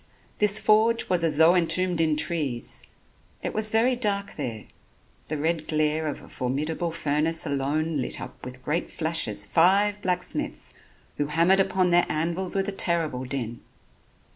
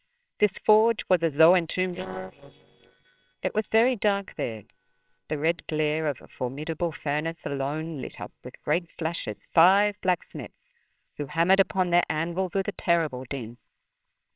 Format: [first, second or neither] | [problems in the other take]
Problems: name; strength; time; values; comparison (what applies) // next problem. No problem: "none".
first | noise reduction (neural separator model SepFormer WHAMR!)